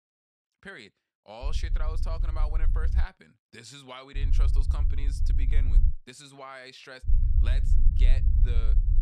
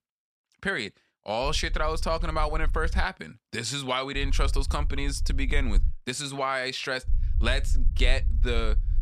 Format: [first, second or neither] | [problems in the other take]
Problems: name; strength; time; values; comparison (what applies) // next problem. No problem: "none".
second | low rumble; loud; from 1.5 to 3 s, from 4 to 6 s and from 7 s on; 6 dB below the speech; faint in the second